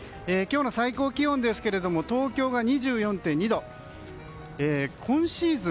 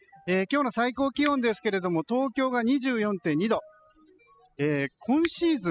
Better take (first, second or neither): first